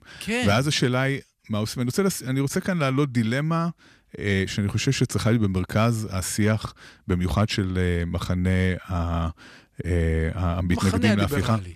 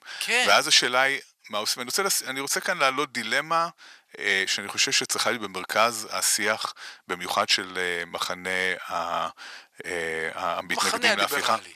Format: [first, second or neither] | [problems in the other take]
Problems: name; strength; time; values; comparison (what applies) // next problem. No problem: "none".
first | thin; very; fading below 750 Hz